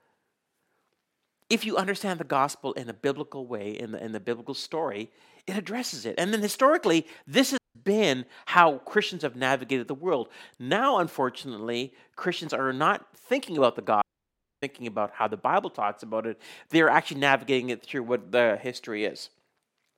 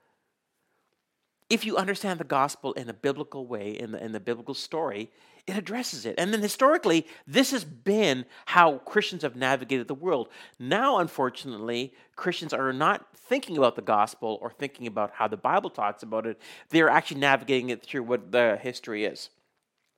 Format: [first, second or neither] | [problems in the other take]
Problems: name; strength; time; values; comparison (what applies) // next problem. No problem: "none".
second | audio cutting out; at 7.5 s and at 14 s for 0.5 s